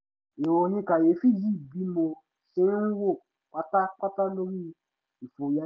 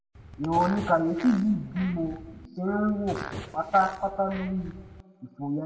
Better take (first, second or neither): first